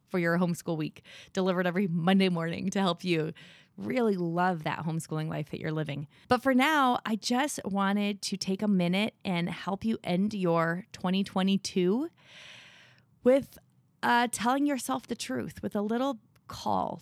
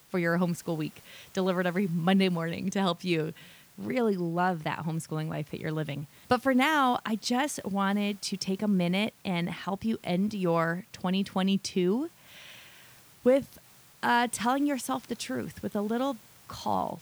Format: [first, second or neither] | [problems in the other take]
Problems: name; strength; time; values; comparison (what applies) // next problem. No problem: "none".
first | hiss; faint; throughout; 25 dB below the speech